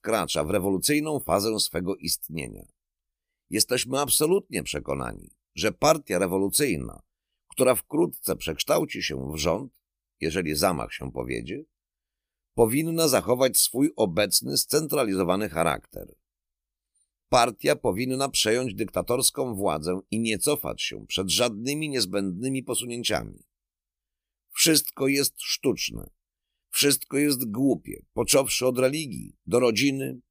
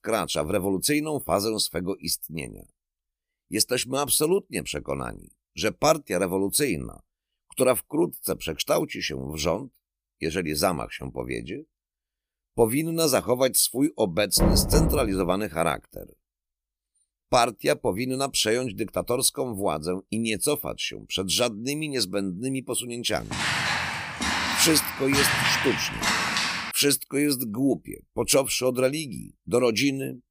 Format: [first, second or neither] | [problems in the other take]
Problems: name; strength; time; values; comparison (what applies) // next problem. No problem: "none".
first | door banging; loud; at 14 s; peak 3 dB above the speech // footsteps; loud; from 23 to 27 s; peak 4 dB above the speech